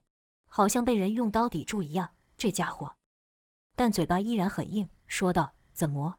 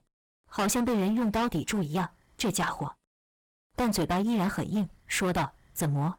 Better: first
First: none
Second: distortion; heavy; 17% of the sound clipped

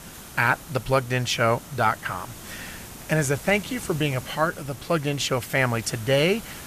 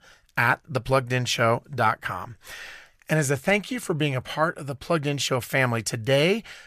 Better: second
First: hiss; noticeable; throughout; 15 dB below the speech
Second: none

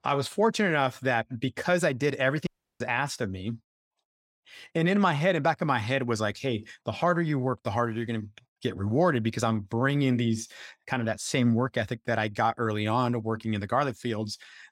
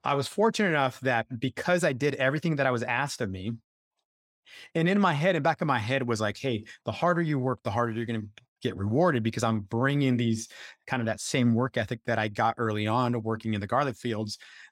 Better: second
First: audio cutting out; at 2.5 s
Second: none

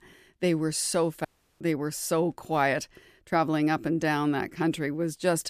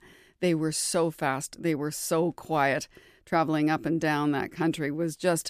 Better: second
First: audio cutting out; at 1.5 s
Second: none

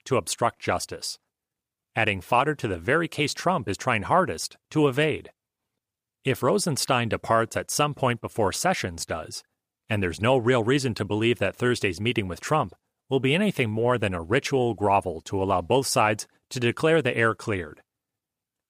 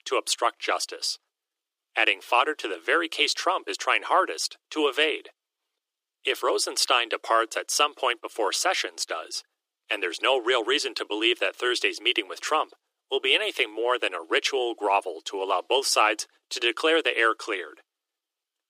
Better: first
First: none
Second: thin; very; fading below 300 Hz

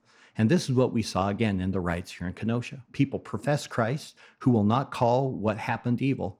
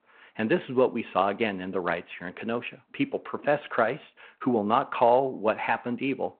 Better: first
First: none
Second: phone-call audio

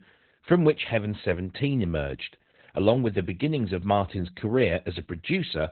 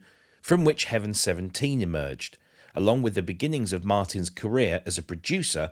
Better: second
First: garbled, watery; badly; nothing above 4 kHz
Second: garbled, watery; slightly

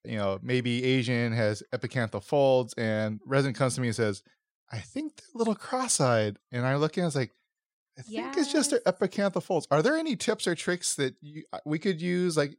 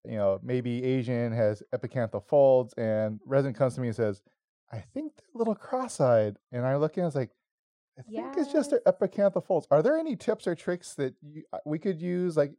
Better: first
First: none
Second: muffled; very; fading above 1.5 kHz

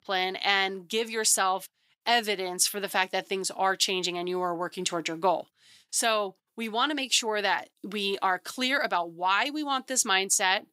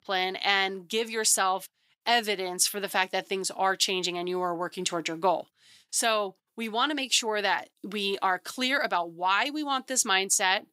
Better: neither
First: thin; very slightly; fading below 1 kHz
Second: thin; very slightly; fading below 1 kHz

